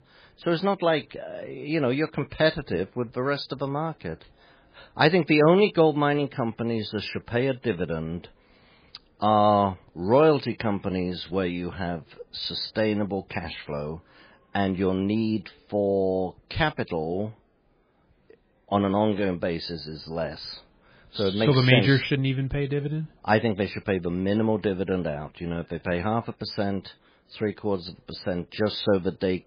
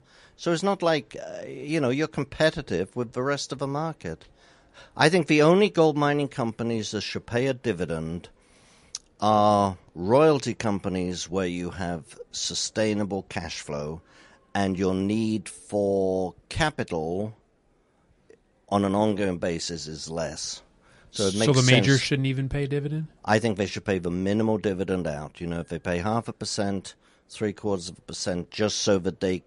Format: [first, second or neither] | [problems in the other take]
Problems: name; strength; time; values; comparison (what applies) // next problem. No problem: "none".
second | garbled, watery; badly; nothing above 5 kHz; slightly in the second